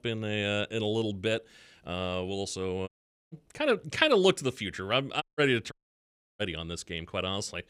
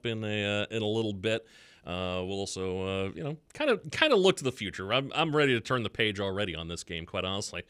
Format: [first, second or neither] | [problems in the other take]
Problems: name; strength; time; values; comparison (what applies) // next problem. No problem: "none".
second | audio cutting out; at 3 s, at 5 s and at 5.5 s for 0.5 s